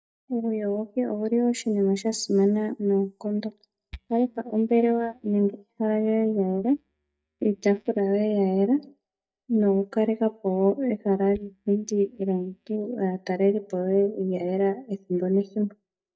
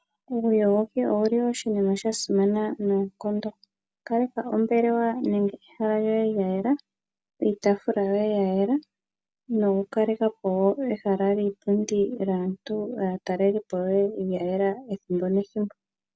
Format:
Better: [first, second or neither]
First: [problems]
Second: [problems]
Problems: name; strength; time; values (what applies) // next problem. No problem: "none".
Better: second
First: noise reduction (neural mask model DeepFilterNet 3)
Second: none